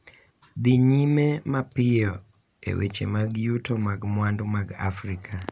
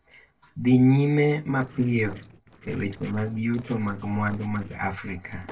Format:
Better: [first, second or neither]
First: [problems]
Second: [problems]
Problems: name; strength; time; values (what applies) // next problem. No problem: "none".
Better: first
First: none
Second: noise reduction (neural separator model SepFormer DNS4)